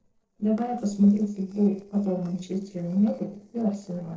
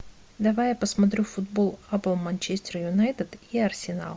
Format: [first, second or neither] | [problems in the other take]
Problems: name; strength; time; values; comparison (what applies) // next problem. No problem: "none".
second | noise reduction (neural separator model SepFormer DNS4)